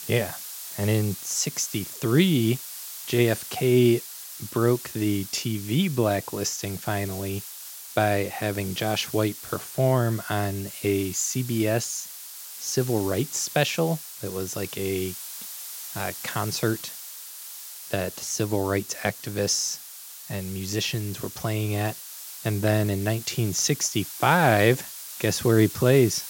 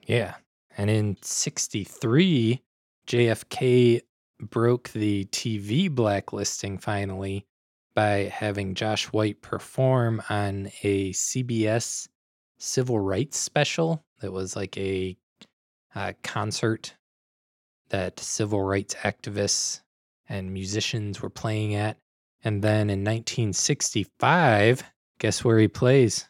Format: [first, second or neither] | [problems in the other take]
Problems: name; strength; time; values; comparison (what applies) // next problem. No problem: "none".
second | hiss; noticeable; throughout; 10 dB below the speech